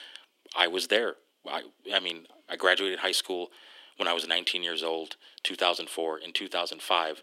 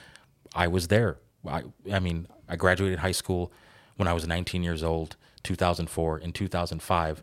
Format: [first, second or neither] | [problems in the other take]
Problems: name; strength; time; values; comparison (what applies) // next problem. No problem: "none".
second | thin; very; fading below 300 Hz